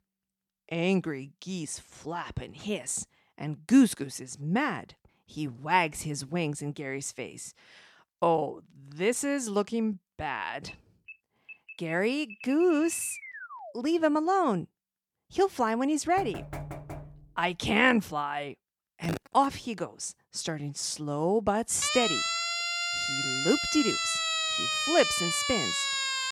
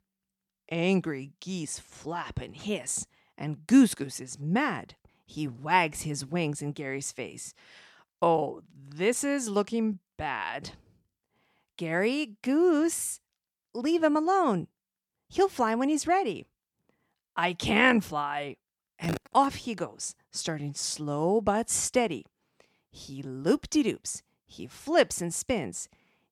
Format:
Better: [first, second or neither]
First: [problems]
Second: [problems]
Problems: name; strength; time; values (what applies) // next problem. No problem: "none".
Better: second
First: alarm; faint; from 11 to 14 s; peak 10 dB below the speech // door banging; faint; from 16 to 17 s; peak 10 dB below the speech // siren; loud; from 22 s on; peak 3 dB above the speech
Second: none